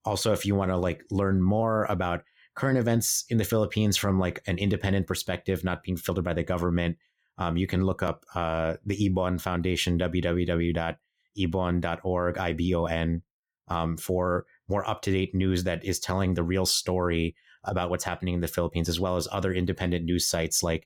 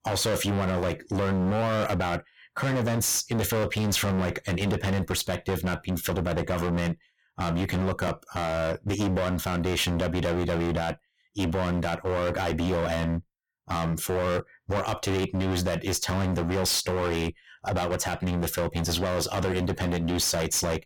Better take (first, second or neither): first